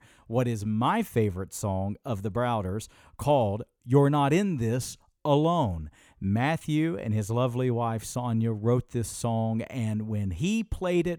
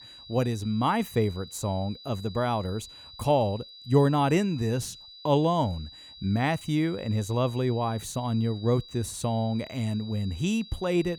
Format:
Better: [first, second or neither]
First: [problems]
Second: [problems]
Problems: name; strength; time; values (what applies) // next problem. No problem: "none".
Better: first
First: none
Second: high-pitched whine; noticeable; throughout; 4 kHz, 15 dB below the speech